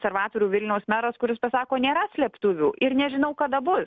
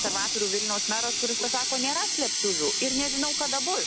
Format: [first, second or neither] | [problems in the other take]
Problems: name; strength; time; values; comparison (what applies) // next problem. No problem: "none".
first | background sound (Water tap, faucet); 4 dB above the speech